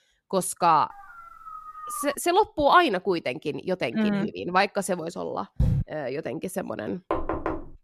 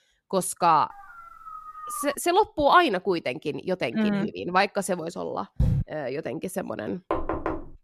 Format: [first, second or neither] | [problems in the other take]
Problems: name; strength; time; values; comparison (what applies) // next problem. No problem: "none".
neither | dog barking; faint; from 1 to 2 s; peak 10 dB below the speech; the same in both // door banging; noticeable; at 5.5 s and at 7 s; peak 1 dB below the speech; the same in both